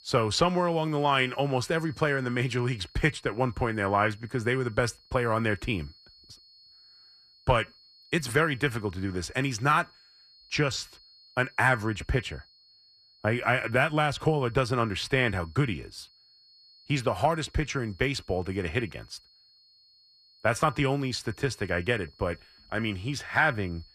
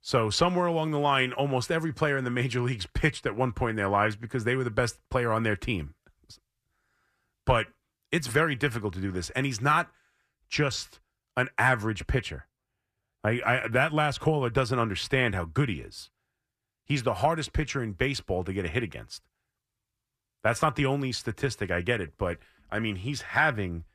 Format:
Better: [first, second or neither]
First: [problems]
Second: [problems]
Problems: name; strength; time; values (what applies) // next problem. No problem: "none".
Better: second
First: high-pitched whine; faint; throughout; 4.5 kHz, 25 dB below the speech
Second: none